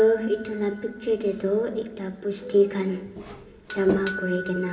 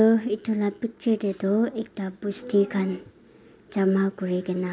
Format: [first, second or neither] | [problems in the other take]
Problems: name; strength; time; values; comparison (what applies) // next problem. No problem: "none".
second | background sound (Doorbell); 12 dB below the speech // room echo; dies away in 3 s